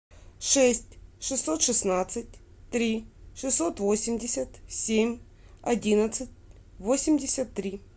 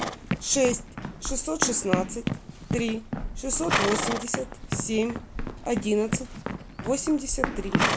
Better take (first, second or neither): first